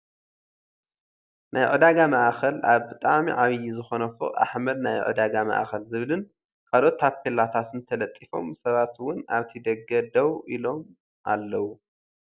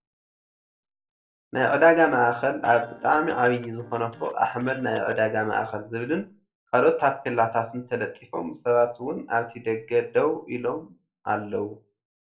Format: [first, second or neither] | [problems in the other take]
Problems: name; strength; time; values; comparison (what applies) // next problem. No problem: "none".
first | noise reduction (neural separator model SepFormer DNS4)